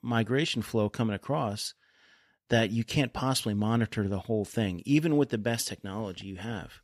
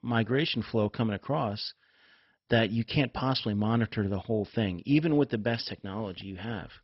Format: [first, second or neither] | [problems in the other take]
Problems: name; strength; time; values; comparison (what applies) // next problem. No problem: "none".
first | garbled, watery; badly; nothing above 5.5 kHz